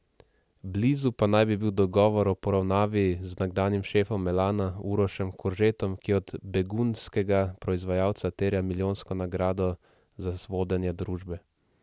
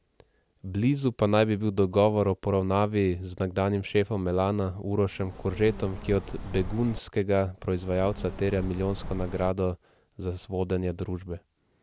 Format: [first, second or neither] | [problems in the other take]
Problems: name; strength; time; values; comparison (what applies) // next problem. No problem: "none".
first | background sound (Bird); 10 dB below the speech